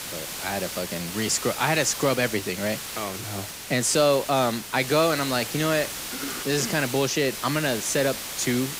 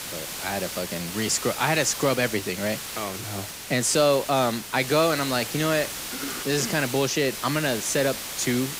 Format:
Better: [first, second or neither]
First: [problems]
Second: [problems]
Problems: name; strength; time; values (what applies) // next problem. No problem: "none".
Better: neither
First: hiss; loud; throughout; 7 dB below the speech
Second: hiss; loud; throughout; 7 dB below the speech